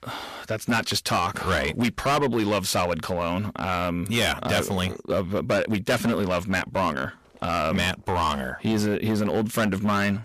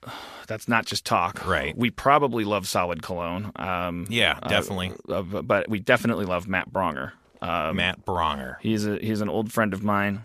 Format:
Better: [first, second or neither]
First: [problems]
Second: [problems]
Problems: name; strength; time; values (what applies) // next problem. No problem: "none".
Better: second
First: distortion; heavy; 11% of the sound clipped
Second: none